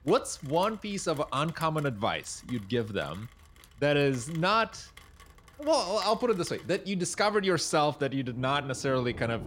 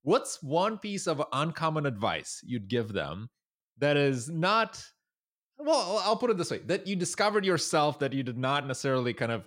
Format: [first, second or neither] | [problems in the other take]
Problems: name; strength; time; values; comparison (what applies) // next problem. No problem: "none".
second | rain or running water; faint; throughout; 20 dB below the speech